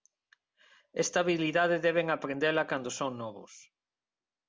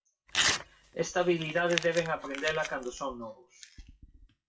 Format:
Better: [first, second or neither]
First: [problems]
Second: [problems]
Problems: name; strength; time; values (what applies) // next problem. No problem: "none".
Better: first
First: none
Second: noise reduction (classical method WPE with log-MMSE)